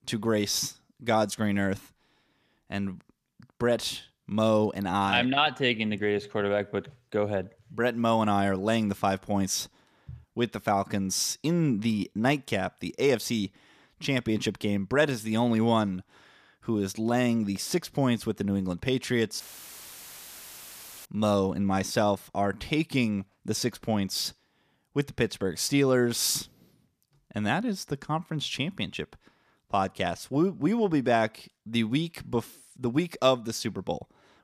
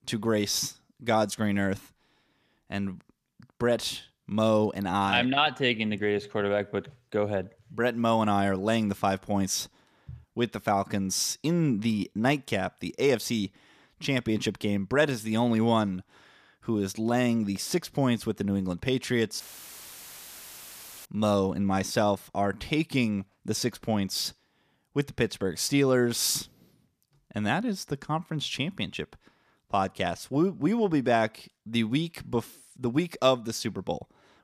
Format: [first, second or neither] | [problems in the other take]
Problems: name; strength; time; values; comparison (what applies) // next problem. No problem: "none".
neither | audio cutting out; filled with static; at 19 s for 1.5 s; the same in both